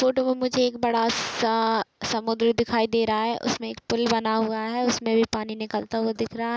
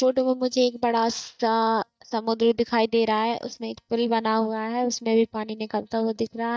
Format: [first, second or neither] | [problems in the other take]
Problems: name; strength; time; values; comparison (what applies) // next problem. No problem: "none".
first | noise reduction (neural mask model DeepFilterNet 3)